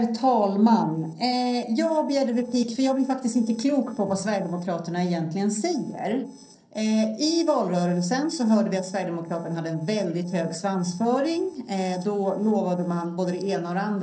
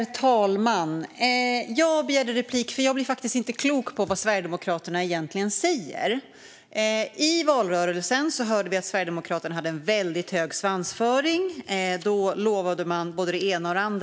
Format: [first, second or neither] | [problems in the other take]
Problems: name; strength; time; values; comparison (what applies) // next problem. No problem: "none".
second | noise reduction (neural separator model SepFormer DNS4)